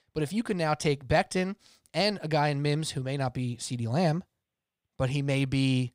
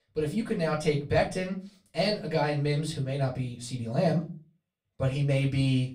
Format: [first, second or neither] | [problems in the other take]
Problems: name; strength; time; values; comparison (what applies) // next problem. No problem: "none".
first | off-mic speech; far // room echo; very slight; dies away in 0.3 s